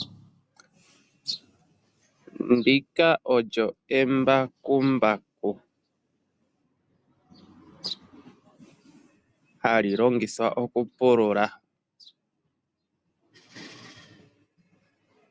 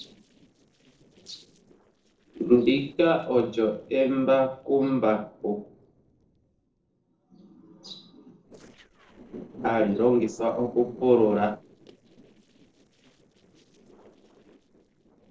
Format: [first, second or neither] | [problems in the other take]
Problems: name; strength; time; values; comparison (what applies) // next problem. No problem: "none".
first | noise reduction (neural separator model SepFormer DNS4)